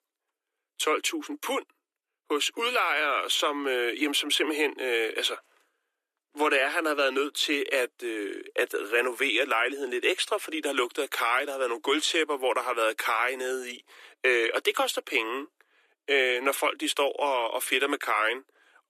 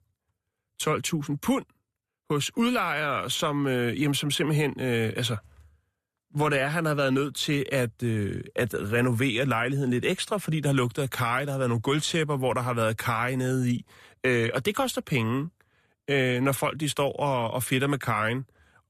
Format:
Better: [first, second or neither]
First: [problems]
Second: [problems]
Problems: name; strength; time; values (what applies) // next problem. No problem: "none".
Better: second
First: thin; somewhat; fading below 300 Hz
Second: none